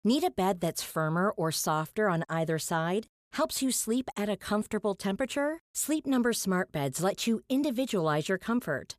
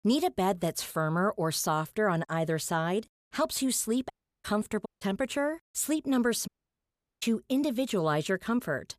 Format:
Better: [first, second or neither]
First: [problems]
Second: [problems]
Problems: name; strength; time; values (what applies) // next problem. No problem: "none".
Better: first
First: none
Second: audio cutting out; at 4 s, at 5 s and at 6.5 s for 0.5 s